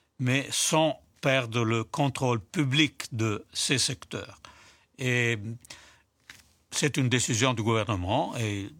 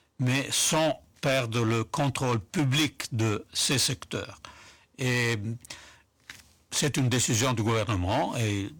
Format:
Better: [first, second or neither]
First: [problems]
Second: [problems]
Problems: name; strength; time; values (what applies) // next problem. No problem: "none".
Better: first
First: none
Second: distortion; heavy; 10% of the sound clipped